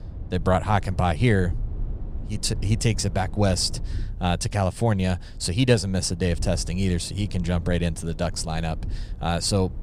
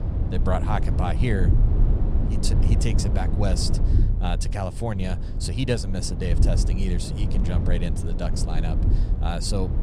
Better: first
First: low rumble; faint; throughout; 20 dB below the speech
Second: low rumble; loud; throughout; 6 dB below the speech

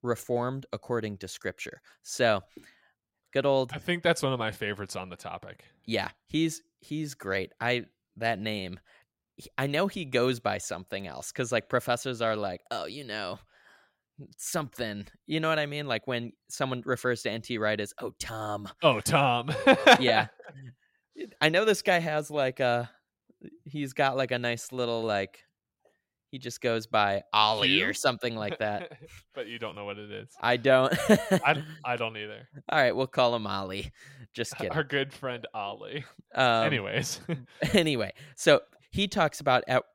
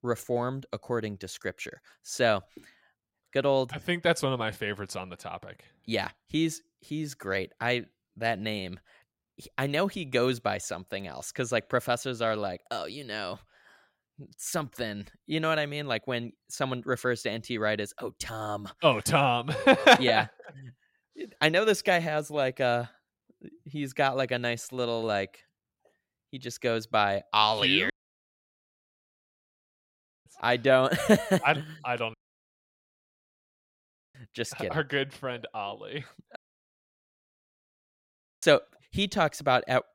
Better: first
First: none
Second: audio cutting out; at 28 s for 2.5 s, at 32 s for 2 s and at 36 s for 2 s

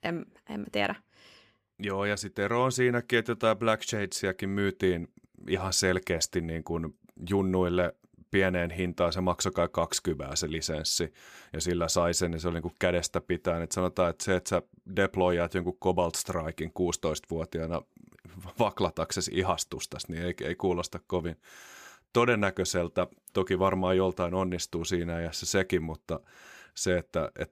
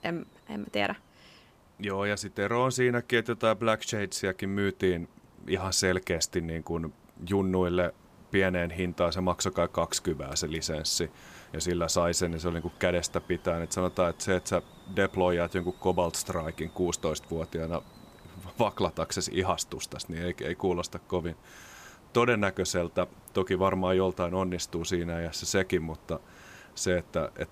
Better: first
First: none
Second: hiss; faint; throughout; 25 dB below the speech

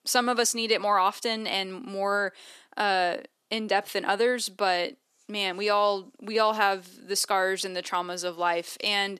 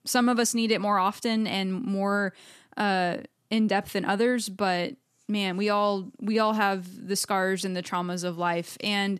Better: second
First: thin; somewhat; fading below 450 Hz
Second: none

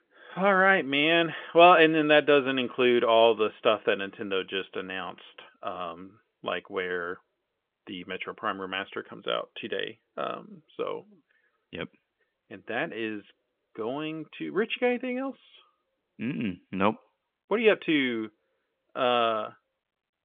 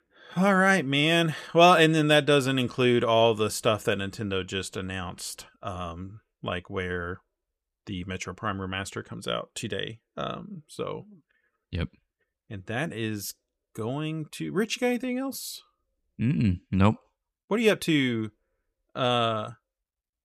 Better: second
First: phone-call audio; nothing above 3.5 kHz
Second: none

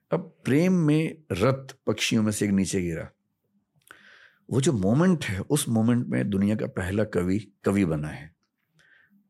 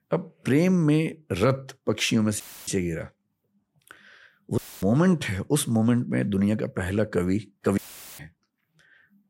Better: first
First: none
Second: audio cutting out; filled with static; at 2.5 s, at 4.5 s and at 8 s

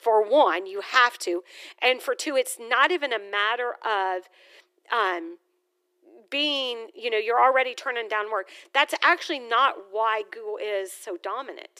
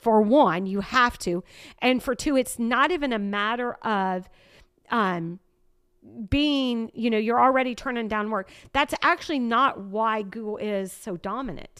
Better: second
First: thin; very; fading below 350 Hz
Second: none

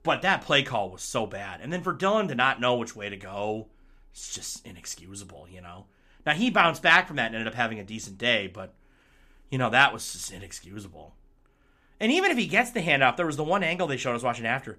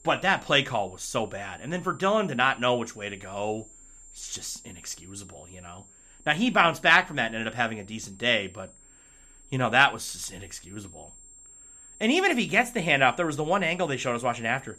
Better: first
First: none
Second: high-pitched whine; faint; throughout; 7.5 kHz, 25 dB below the speech

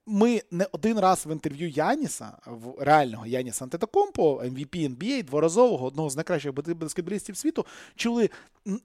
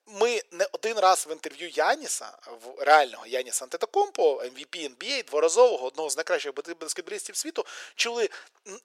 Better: first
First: none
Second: thin; very; fading below 450 Hz

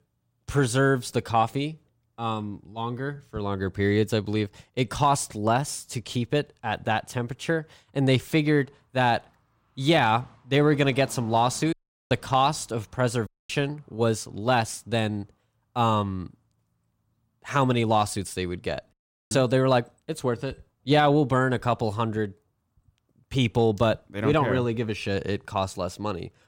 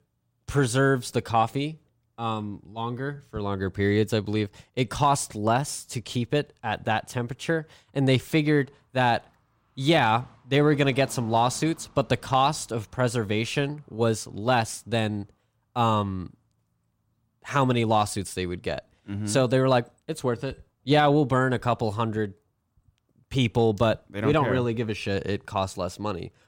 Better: second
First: audio cutting out; at 12 s, at 13 s and at 19 s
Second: none

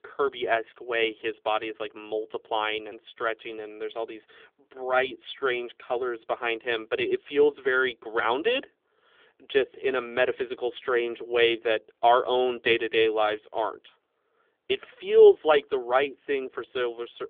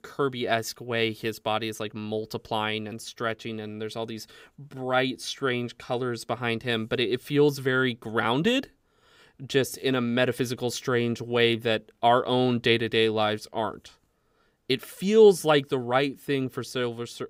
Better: second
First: phone-call audio; nothing above 3.5 kHz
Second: none

